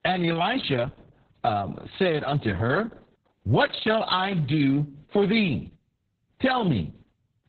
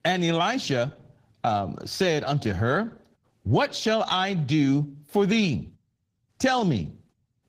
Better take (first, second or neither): second